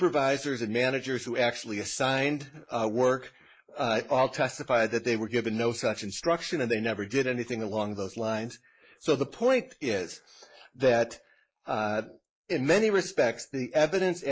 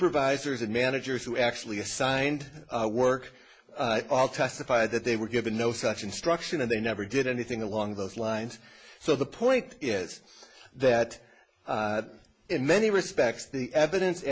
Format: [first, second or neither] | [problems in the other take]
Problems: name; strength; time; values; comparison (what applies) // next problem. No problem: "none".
second | noise reduction (neural mask model Resemble Enhance denoiser)